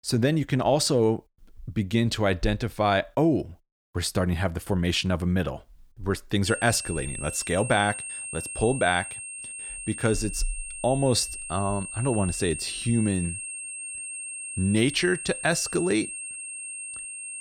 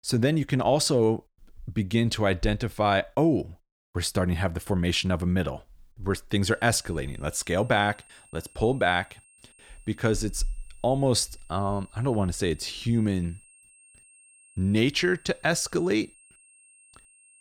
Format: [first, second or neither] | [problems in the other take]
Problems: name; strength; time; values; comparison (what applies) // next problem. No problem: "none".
second | high-pitched whine; loud; from 6.5 s on; 8.5 kHz, 8 dB below the speech; faint in the second